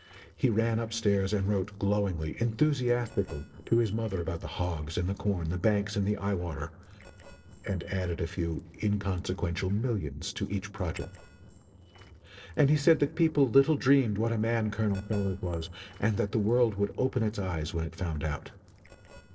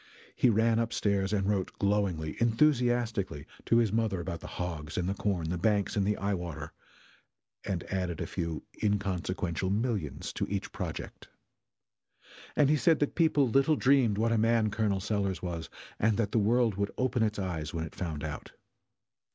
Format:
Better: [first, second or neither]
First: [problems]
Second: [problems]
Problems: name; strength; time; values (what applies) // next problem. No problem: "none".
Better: second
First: noise reduction (neural separator model SepFormer DNS4)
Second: none